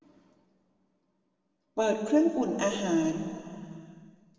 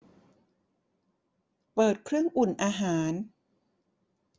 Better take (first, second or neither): second